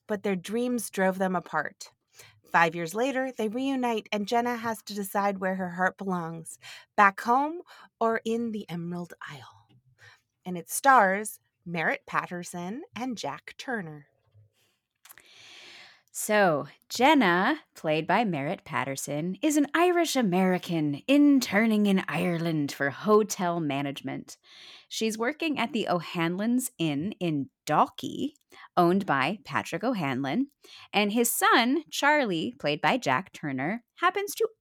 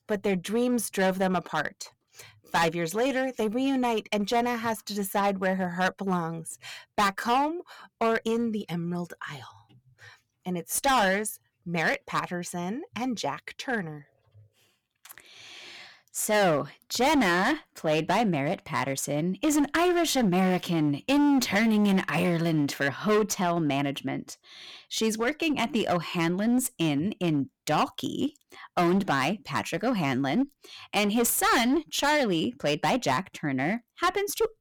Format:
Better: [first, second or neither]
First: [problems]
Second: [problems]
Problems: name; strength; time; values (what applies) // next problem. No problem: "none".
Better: first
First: none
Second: distortion; heavy; 9% of the sound clipped